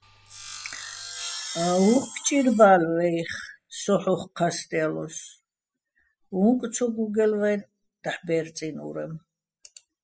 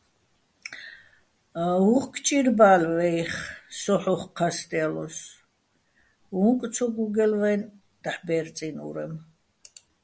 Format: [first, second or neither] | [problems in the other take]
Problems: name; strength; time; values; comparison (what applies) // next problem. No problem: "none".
second | noise reduction (classical method spectral subtraction)